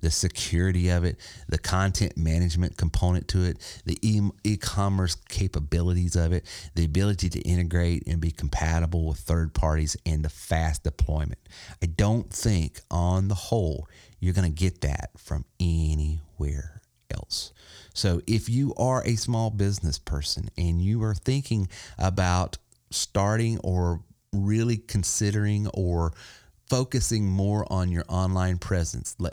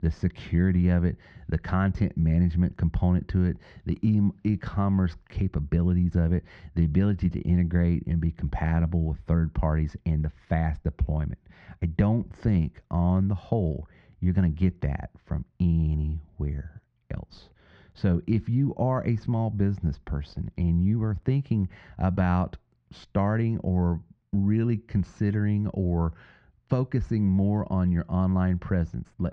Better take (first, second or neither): first